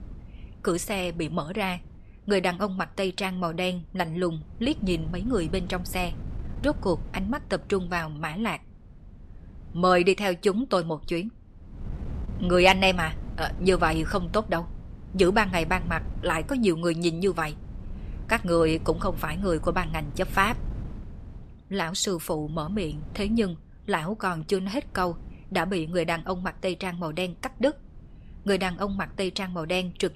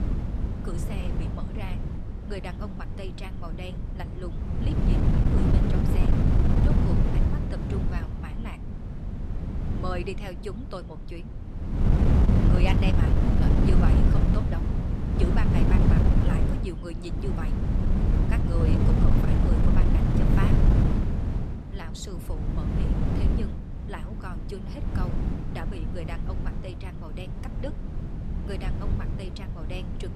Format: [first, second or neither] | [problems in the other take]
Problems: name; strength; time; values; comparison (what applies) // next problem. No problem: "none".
first | wind noise on the microphone; heavy; 4 dB above the speech; occasional gusts in the first